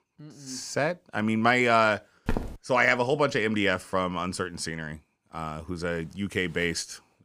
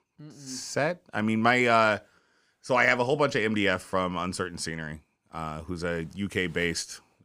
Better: second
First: footsteps; noticeable; at 2.5 s; peak 7 dB below the speech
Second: none

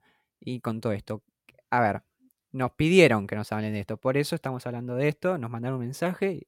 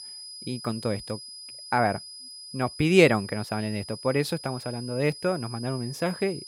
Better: first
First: none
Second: high-pitched whine; noticeable; throughout; 5 kHz, 15 dB below the speech

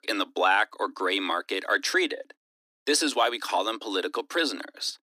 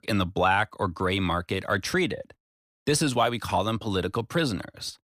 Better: second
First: thin; somewhat; fading below 300 Hz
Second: none

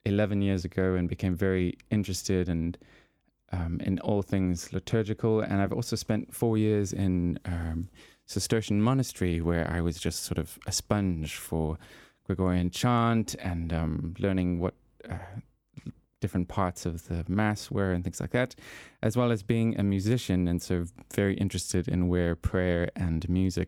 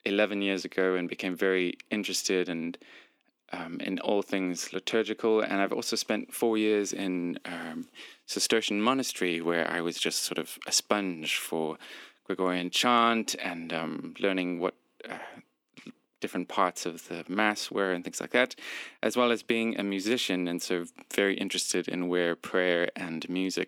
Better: first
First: none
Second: thin; somewhat; fading below 250 Hz

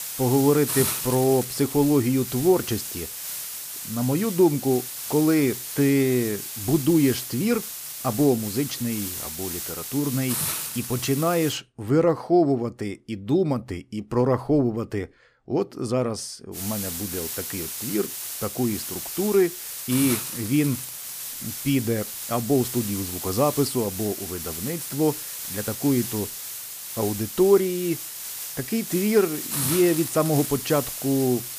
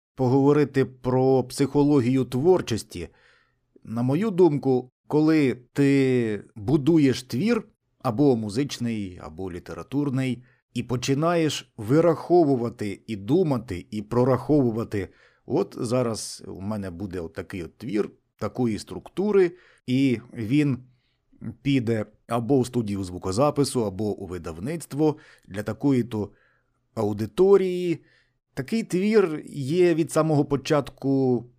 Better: second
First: hiss; loud; until 12 s and from 17 s on; 6 dB below the speech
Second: none

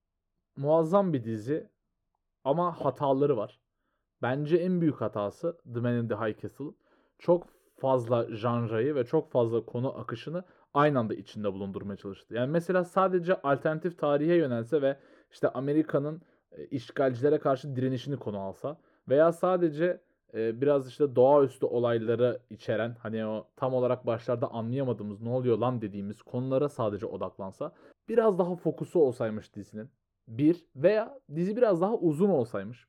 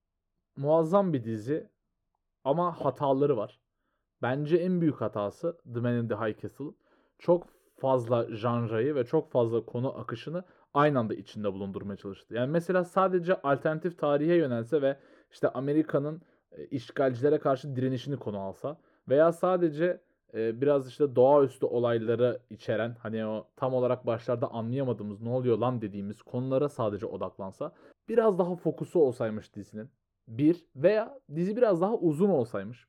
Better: neither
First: muffled; very; fading above 2 kHz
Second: muffled; very; fading above 2 kHz

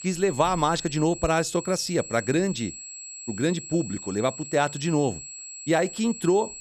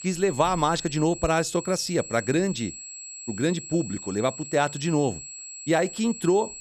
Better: neither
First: high-pitched whine; noticeable; throughout; 7.5 kHz, 10 dB below the speech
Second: high-pitched whine; noticeable; throughout; 7.5 kHz, 10 dB below the speech

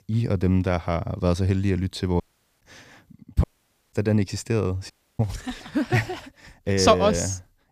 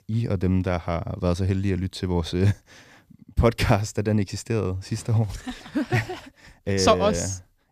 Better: second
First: audio cutting out; at 2 s, at 3.5 s and at 5 s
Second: none

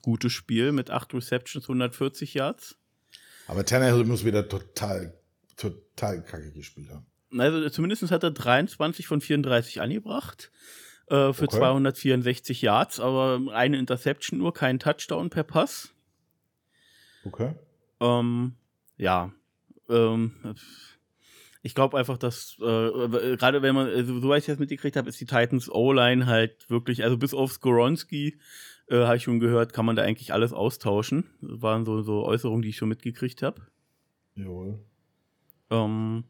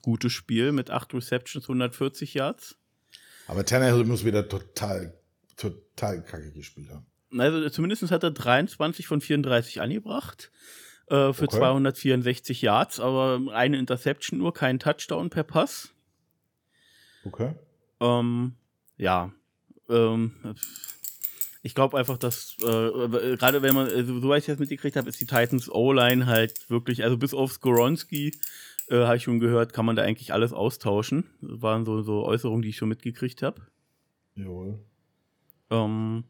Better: first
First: none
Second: clattering dishes; loud; from 21 to 29 s; peak level with the speech

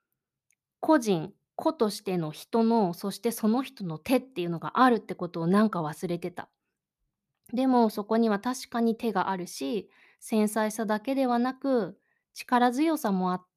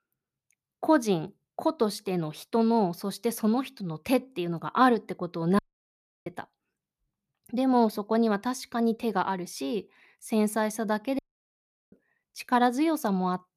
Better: first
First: none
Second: audio cutting out; at 5.5 s for 0.5 s and at 11 s for 0.5 s

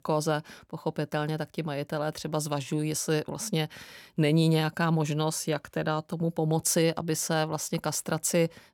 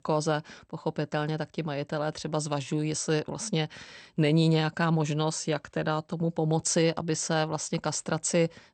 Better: first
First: none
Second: garbled, watery; slightly; nothing above 8.5 kHz

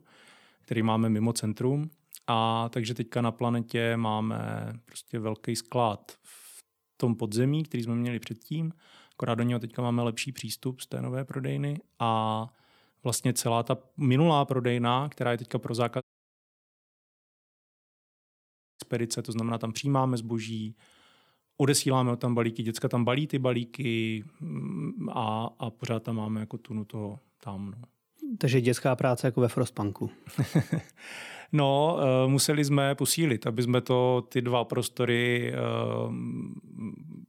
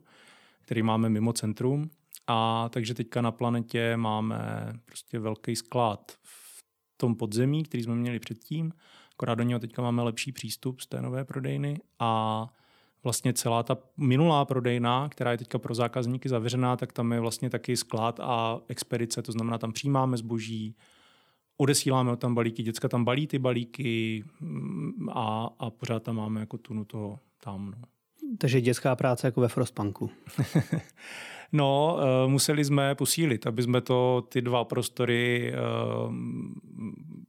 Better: second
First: audio cutting out; at 16 s for 3 s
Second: none

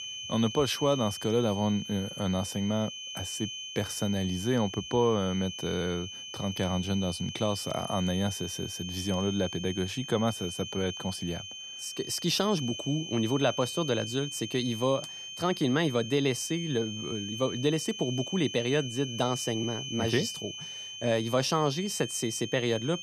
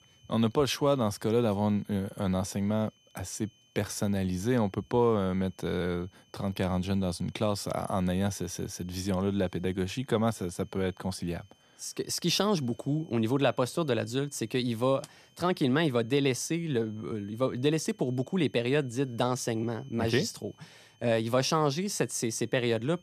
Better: second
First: high-pitched whine; loud; throughout; 3 kHz, 8 dB below the speech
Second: high-pitched whine; faint; throughout; 3 kHz, 35 dB below the speech

